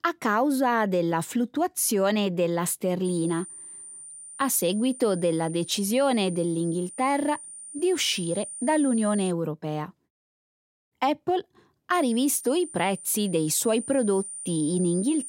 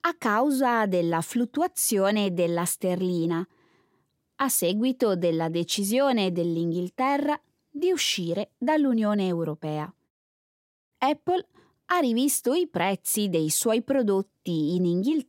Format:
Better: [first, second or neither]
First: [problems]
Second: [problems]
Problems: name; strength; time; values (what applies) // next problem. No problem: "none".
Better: second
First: high-pitched whine; noticeable; from 3 to 9.5 s and from 12 s on; 9 kHz, 10 dB below the speech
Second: none